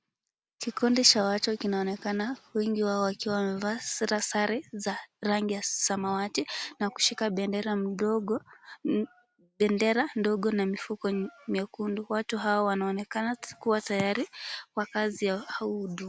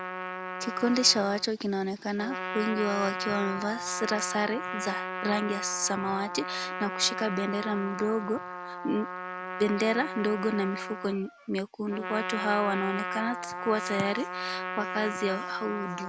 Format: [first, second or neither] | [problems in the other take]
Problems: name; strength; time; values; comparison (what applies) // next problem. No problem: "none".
first | background sound (Trumpet); 6 dB below the speech